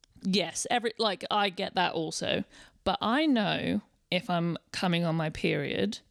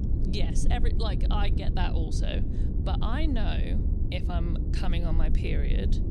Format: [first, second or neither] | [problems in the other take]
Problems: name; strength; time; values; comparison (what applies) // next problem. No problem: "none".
first | low rumble; loud; throughout; 6 dB below the speech